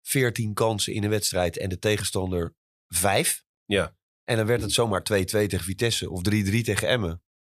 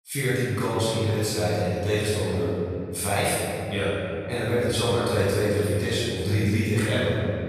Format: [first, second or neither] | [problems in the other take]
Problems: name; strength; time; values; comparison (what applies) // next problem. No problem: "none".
first | off-mic speech; far // room echo; strong; dies away in 2.9 s